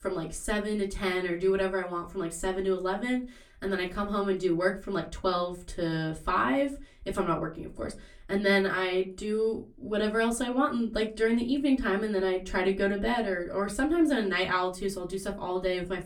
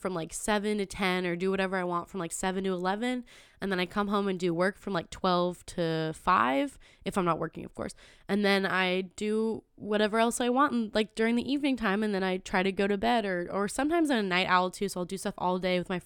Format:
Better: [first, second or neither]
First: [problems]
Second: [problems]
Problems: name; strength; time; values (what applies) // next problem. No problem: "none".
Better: second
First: off-mic speech; far // room echo; very slight; dies away in 0.2 s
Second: none